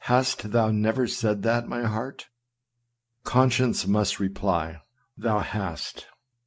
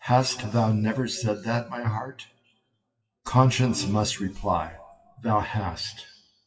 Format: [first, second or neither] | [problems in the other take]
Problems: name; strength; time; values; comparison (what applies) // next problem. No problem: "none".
first | noise reduction (classical method WPE with log-MMSE)